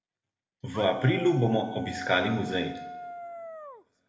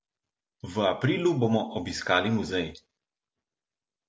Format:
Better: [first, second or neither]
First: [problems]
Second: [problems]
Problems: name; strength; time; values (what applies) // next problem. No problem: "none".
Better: second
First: background sound (Dog); 12 dB below the speech // room echo; dies away in 0.9 s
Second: none